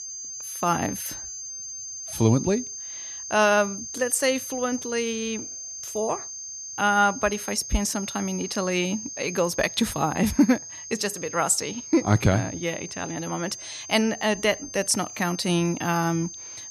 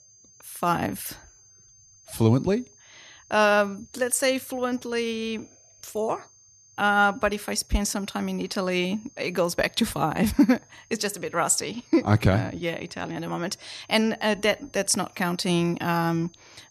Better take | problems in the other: second | high-pitched whine; loud; throughout; 6.5 kHz, 9 dB below the speech; faint in the second

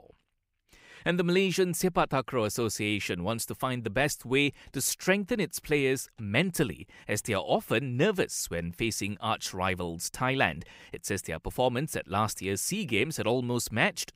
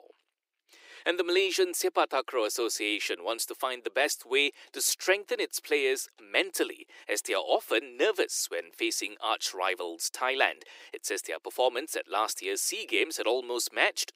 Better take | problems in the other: first | thin; very; fading below 350 Hz

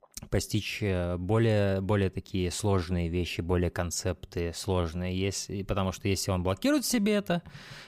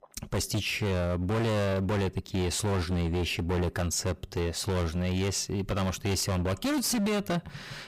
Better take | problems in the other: first | distortion; heavy; 26% of the sound clipped

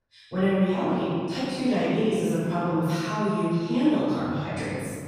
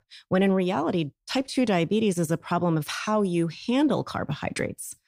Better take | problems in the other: second | off-mic speech; far // room echo; strong; dies away in 2.2 s

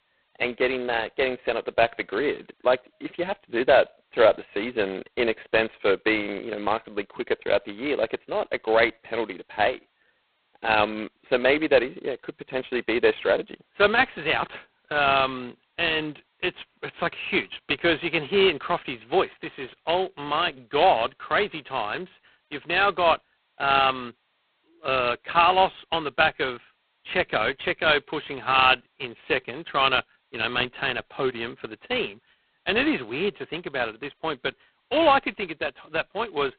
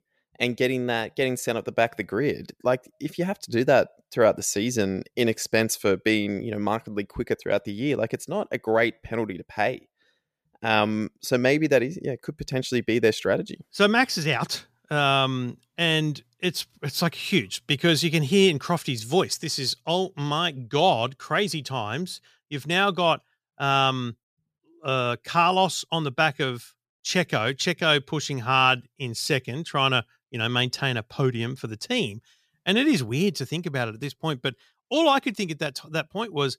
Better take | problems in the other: second | phone-call audio; poor line; nothing above 4 kHz

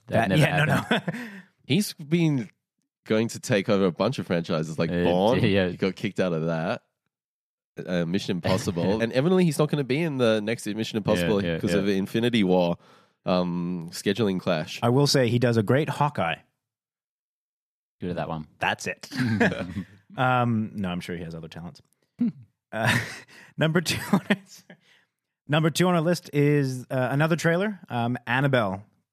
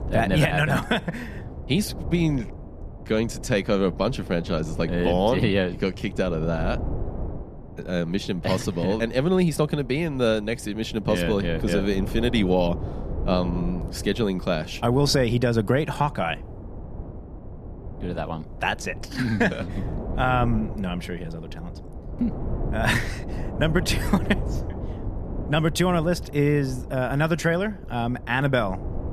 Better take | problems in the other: first | wind noise on the microphone; occasional gusts; 15 dB below the speech

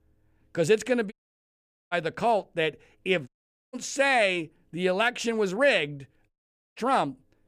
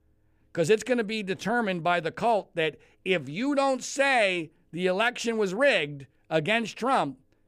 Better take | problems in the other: second | audio cutting out; at 1 s for 1 s, at 3.5 s and at 6.5 s

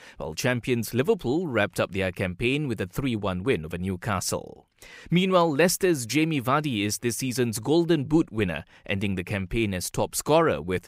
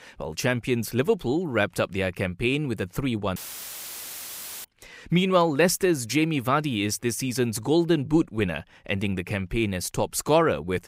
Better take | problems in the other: first | audio cutting out; filled with static; at 3.5 s for 1.5 s

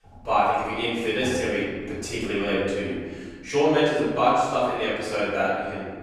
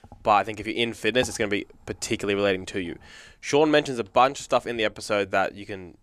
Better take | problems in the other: second | off-mic speech; far // room echo; strong; dies away in 1.4 s

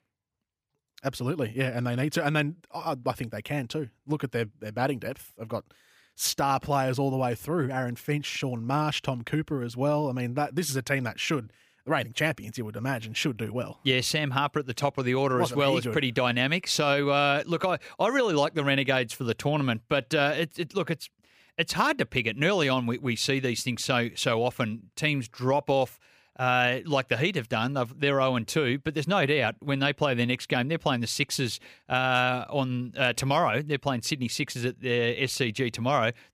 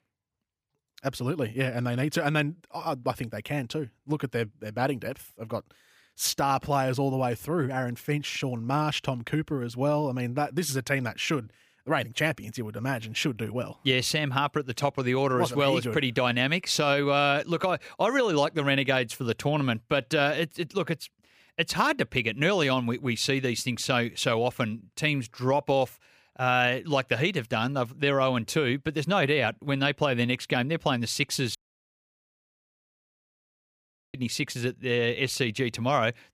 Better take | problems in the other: first | audio cutting out; at 32 s for 2.5 s

